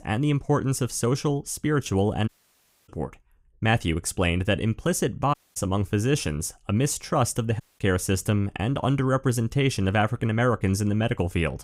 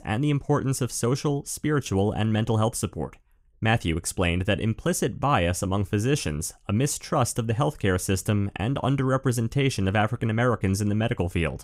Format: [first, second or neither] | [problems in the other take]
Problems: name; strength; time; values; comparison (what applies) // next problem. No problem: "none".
second | audio cutting out; at 2.5 s for 0.5 s, at 5.5 s and at 7.5 s